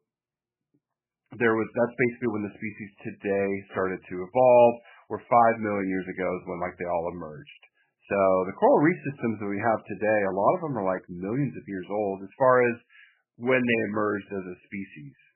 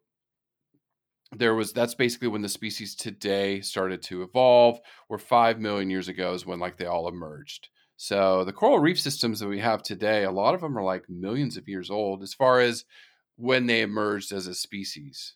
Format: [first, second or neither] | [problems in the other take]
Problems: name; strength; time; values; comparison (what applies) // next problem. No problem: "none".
second | garbled, watery; badly; nothing above 2.5 kHz